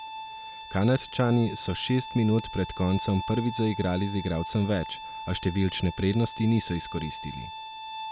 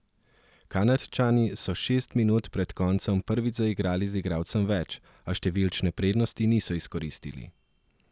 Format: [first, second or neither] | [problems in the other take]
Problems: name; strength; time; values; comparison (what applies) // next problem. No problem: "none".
second | background sound (Bowed string instrument); 12 dB below the speech